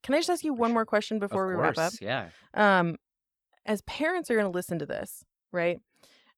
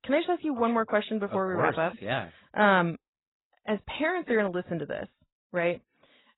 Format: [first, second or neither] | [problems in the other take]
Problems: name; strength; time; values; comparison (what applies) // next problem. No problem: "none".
first | garbled, watery; badly; nothing above 4 kHz